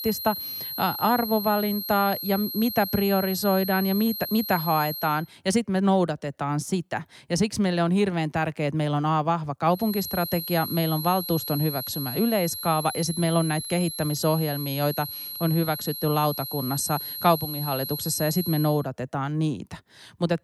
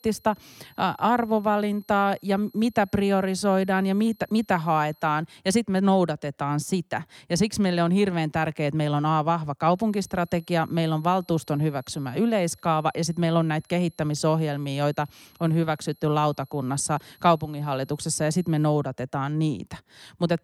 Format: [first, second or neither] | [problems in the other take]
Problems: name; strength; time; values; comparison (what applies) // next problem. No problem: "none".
second | high-pitched whine; loud; until 5 s and from 10 to 19 s; 11.5 kHz, 6 dB below the speech; faint in the second